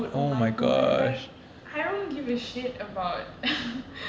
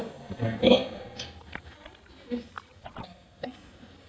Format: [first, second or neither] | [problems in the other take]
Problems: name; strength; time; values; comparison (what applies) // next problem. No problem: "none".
first | noise reduction (neural mask model DeepFilterNet 3)